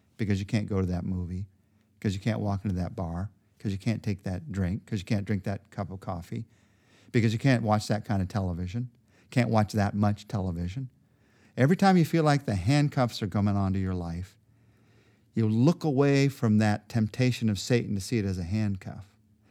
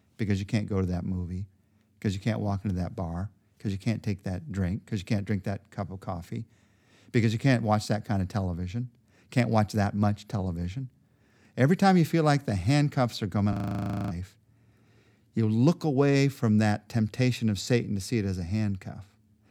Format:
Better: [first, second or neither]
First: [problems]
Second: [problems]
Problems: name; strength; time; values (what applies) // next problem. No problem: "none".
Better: first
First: none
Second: audio freezing; at 14 s for 0.5 s